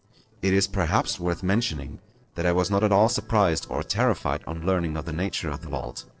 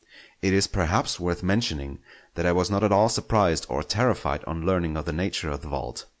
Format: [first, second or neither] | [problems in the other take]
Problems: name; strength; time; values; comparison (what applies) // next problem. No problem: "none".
second | noise reduction (neural separator model SepFormer DNS4)